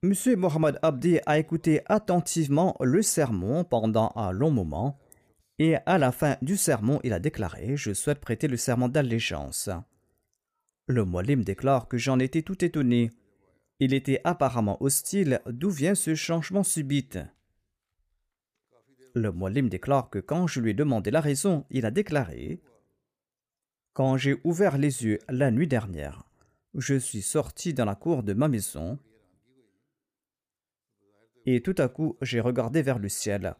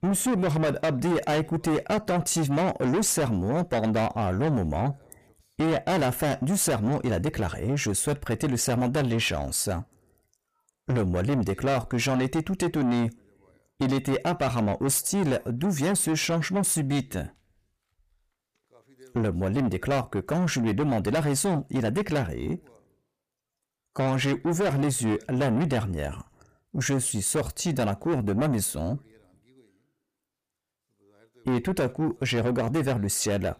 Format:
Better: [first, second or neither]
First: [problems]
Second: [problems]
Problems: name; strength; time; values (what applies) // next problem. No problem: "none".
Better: first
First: none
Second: distortion; heavy; 6 dB below the speech